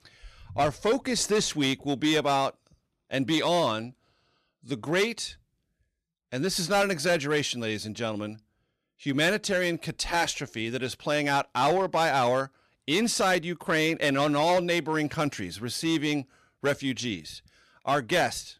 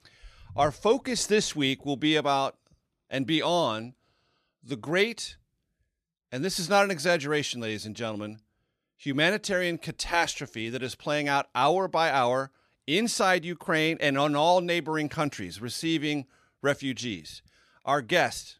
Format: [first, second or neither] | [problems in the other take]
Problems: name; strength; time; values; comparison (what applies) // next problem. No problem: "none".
second | distortion; slight; 5% of the sound clipped